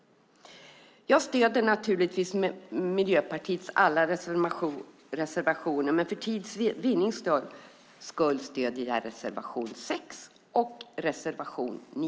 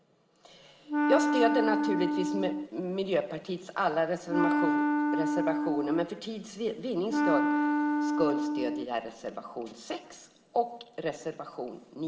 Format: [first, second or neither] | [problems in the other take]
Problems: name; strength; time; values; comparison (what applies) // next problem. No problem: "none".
first | background sound (Wind instrument, woodwind instrument); 3 dB above the speech // room echo; dies away in 2.7 s